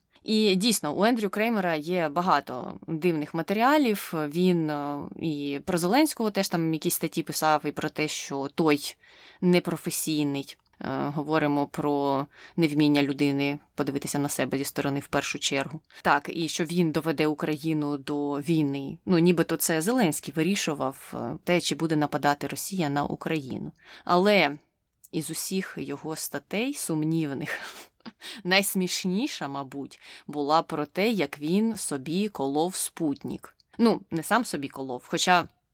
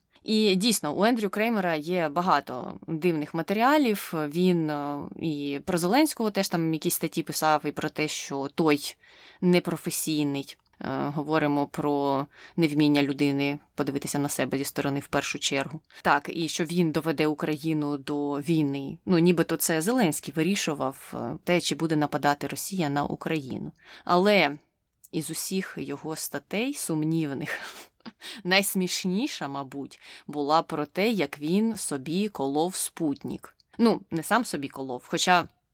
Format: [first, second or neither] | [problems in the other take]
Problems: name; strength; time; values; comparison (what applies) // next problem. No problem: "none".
neither | garbled, watery; slightly; nothing above 19 kHz; the same in both